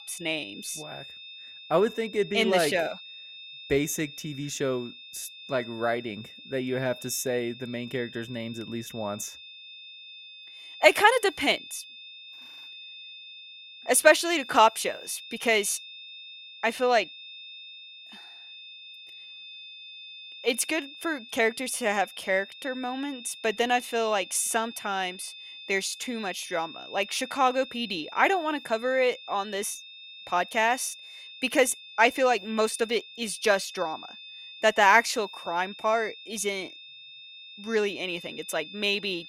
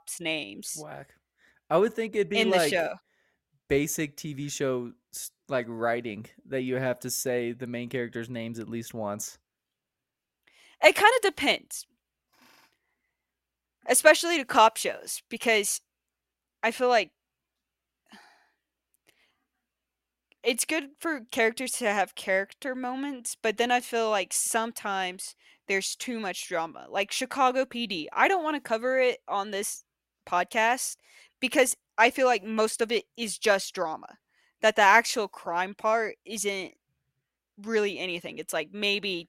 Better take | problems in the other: second | high-pitched whine; noticeable; throughout; 3.5 kHz, 15 dB below the speech

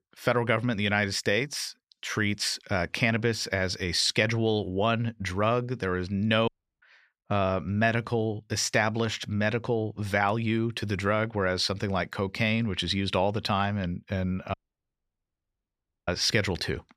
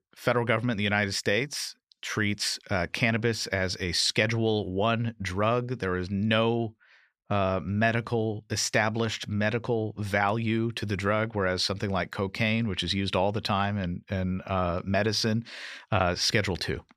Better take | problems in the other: second | audio cutting out; at 6.5 s and at 15 s for 1.5 s

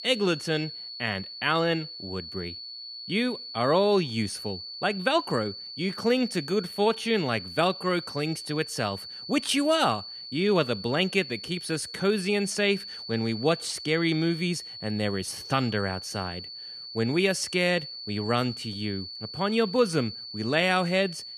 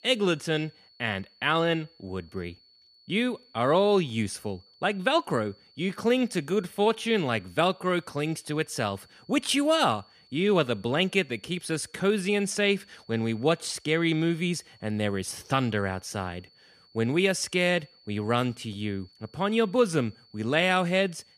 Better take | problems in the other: second | high-pitched whine; loud; throughout; 4.5 kHz, 10 dB below the speech; faint in the second

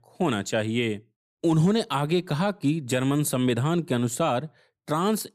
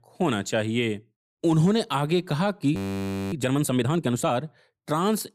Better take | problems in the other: first | audio freezing; at 3 s for 0.5 s

